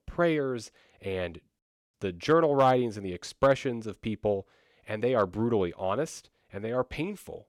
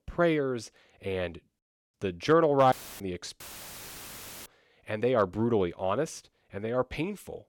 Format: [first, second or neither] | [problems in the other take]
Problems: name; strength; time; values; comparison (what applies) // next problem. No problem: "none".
first | audio cutting out; filled with static; at 2.5 s and at 3.5 s for 1 s